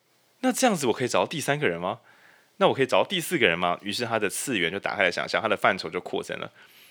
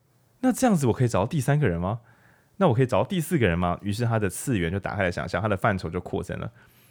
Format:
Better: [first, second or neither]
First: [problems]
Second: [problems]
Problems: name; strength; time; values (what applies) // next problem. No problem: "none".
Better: second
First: thin; somewhat; fading below 300 Hz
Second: none